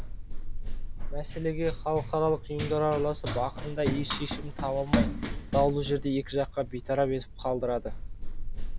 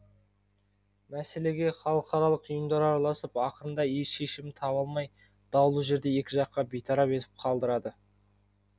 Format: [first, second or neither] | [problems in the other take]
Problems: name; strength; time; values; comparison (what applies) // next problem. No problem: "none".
second | background sound (Run); 2 dB below the speech